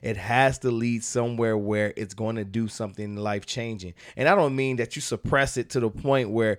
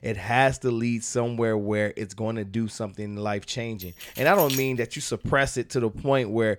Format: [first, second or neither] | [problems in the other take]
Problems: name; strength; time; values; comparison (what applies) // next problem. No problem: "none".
first | jangling keys; noticeable; at 4 s; peak 3 dB below the speech